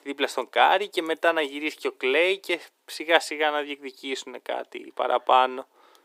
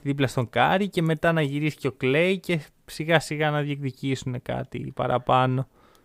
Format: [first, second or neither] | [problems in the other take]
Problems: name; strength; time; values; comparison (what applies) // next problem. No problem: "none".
second | thin; very; fading below 300 Hz